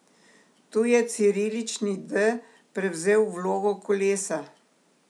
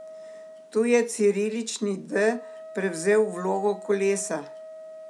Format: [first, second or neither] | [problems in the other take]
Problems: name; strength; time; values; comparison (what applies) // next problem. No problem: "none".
first | background sound (Wind instrument, woodwind instrument); 17 dB below the speech